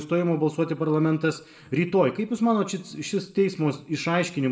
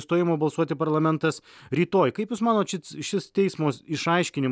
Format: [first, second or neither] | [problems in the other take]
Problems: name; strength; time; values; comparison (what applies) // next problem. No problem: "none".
second | room echo; dies away in 0.5 s